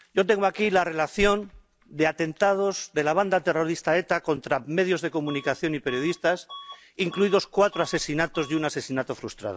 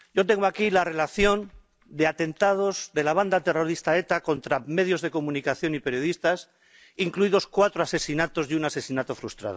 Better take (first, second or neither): second